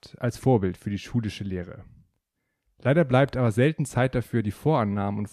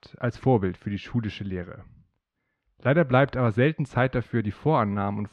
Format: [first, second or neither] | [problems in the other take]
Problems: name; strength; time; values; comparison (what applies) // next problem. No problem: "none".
first | muffled; slightly; fading above 3 kHz